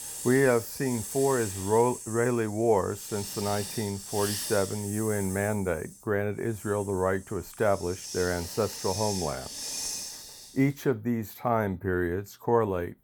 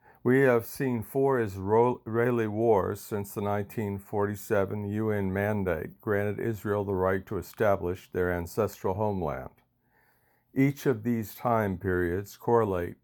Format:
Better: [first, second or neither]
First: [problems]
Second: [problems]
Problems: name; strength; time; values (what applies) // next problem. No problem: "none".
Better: second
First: hiss; loud; throughout; 8 dB below the speech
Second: none